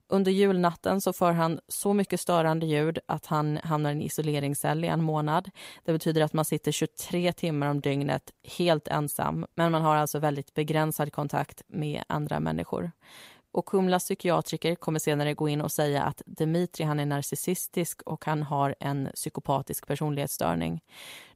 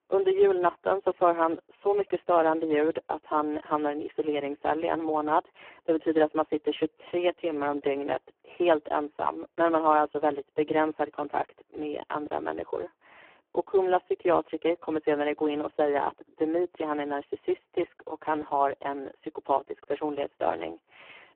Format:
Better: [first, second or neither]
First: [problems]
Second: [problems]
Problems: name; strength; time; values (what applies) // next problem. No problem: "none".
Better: first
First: none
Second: phone-call audio; poor line